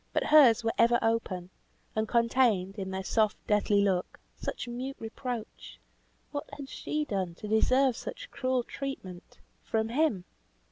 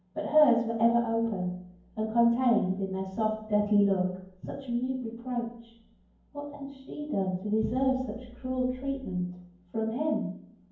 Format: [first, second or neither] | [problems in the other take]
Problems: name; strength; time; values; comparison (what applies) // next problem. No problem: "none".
first | room echo; dies away in 0.9 s